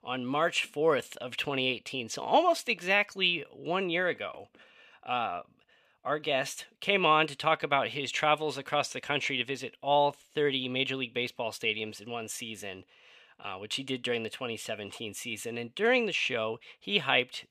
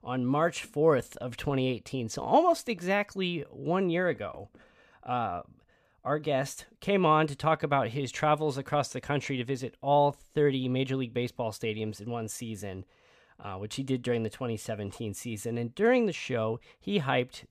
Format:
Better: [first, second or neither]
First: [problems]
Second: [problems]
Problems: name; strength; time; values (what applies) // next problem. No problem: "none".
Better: second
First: thin; very slightly; fading below 850 Hz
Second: none